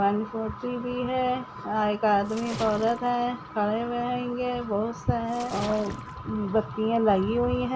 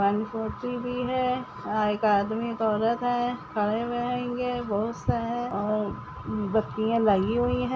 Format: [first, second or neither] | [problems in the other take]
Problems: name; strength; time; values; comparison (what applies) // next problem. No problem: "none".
second | background sound (Splash, splatter); 16 dB below the speech